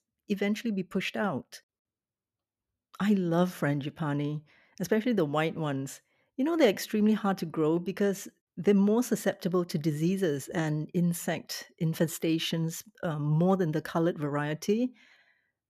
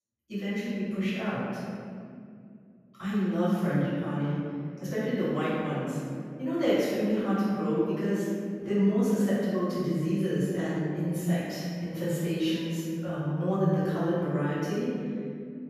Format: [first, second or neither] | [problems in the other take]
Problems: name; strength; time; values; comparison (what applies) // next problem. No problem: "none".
first | off-mic speech; far // room echo; strong; dies away in 2.4 s